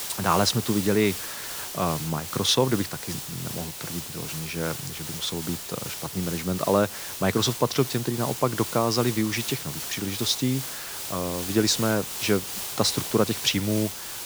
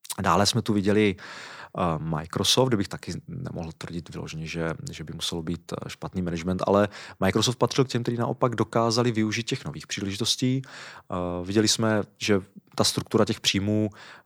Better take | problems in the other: second | hiss; loud; throughout; 6 dB below the speech

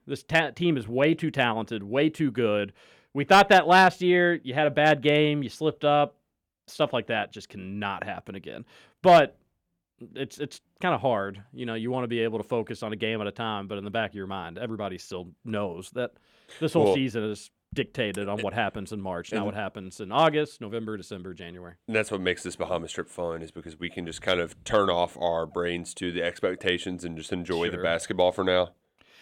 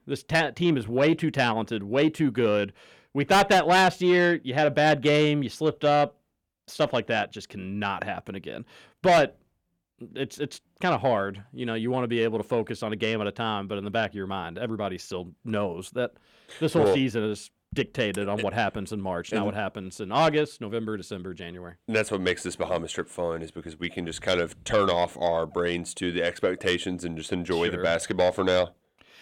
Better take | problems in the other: first | distortion; slight; 10 dB below the speech

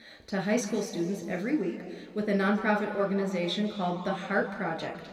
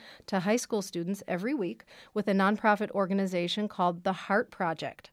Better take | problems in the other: second | room echo; slight; dies away in 2.1 s // off-mic speech; somewhat distant

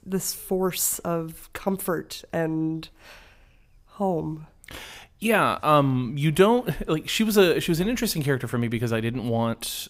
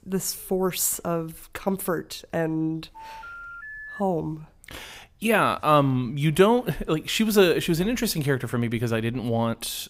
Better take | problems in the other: first | phone ringing; faint; from 3 to 4 s; peak 15 dB below the speech

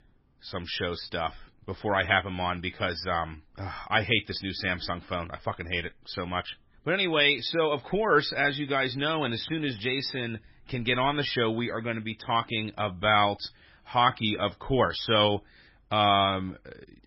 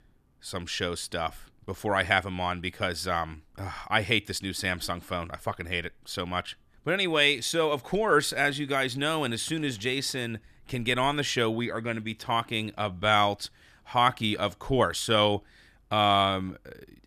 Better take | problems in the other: second | garbled, watery; badly; nothing above 5.5 kHz

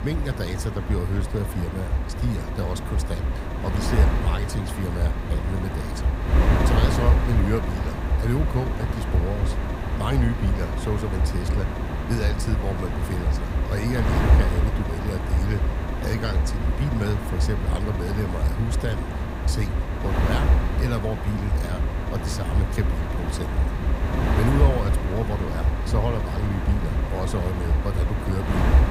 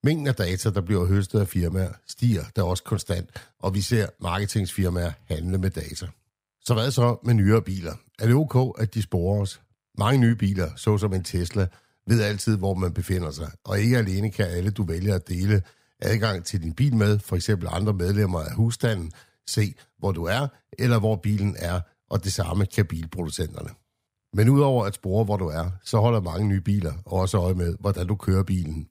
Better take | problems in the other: second | wind noise on the microphone; heavy; 1 dB above the speech

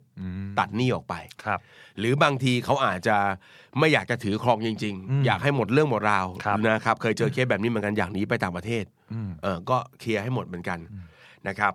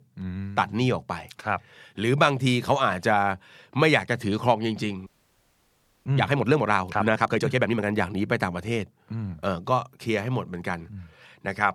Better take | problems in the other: first | audio freezing; at 5 s for 1 s

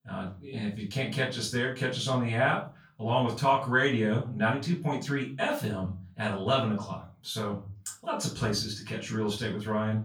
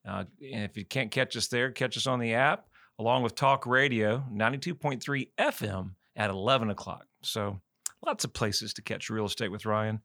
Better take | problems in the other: second | off-mic speech; far // room echo; slight; dies away in 0.4 s

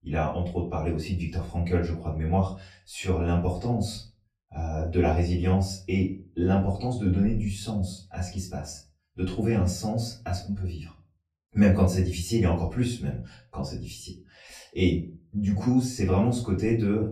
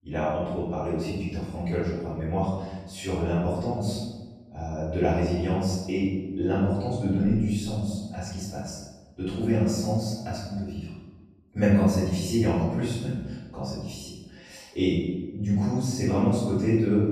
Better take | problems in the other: first | room echo; strong; dies away in 1.1 s; slight in the first // off-mic speech; far; far in the first

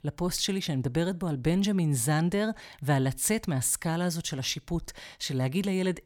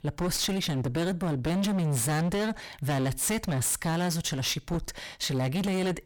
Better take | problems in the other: first | distortion; heavy; 30% of the sound clipped

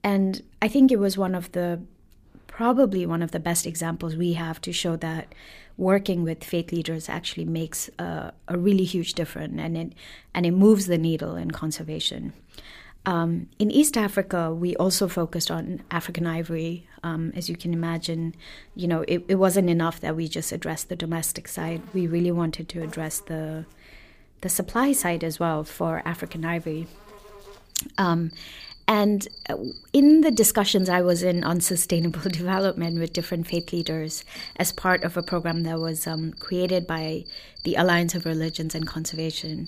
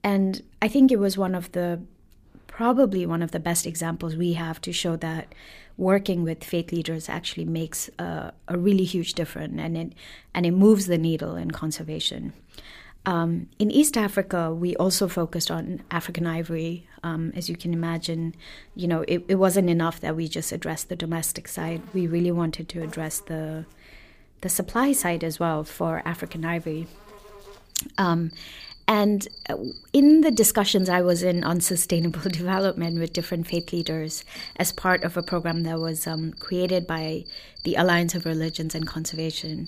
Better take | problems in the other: neither | animal sounds; noticeable; throughout; 15 dB below the speech; the same in both

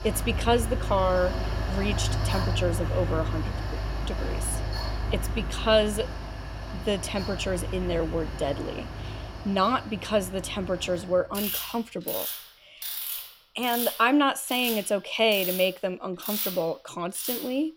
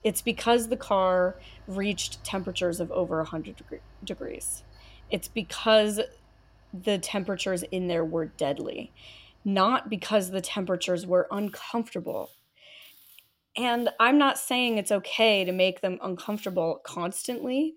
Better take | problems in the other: second | machinery noise; loud; throughout; 5 dB below the speech; faint in the second

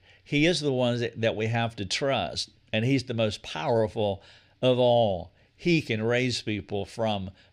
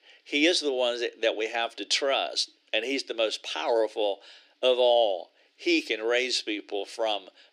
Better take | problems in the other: first | thin; somewhat; fading below 300 Hz

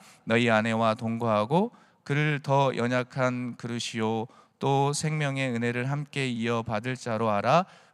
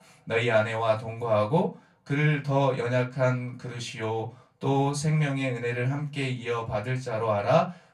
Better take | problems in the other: first | off-mic speech; far // room echo; very slight; dies away in 0.2 s

